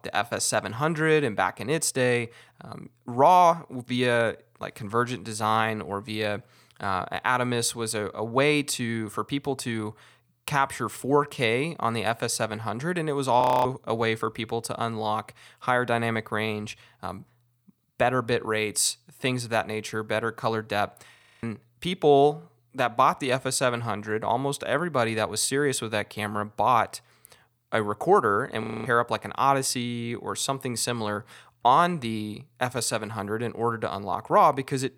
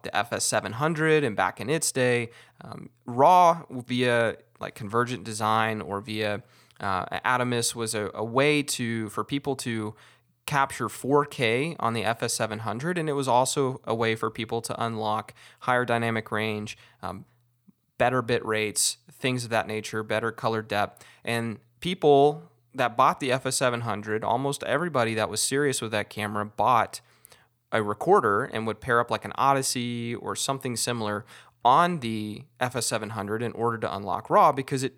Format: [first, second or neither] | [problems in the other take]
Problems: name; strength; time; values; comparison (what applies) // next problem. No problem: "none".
second | audio freezing; at 13 s, at 21 s and at 29 s